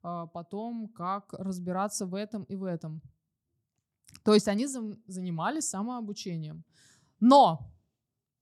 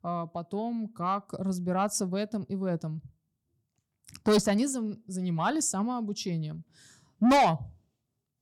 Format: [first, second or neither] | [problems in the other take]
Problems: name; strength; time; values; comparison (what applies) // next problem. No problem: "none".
first | distortion; heavy; 7 dB below the speech